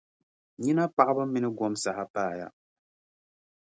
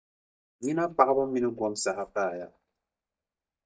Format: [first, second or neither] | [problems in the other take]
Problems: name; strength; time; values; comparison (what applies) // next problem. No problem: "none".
first | noise reduction (neural mask model DeepFilterNet 3)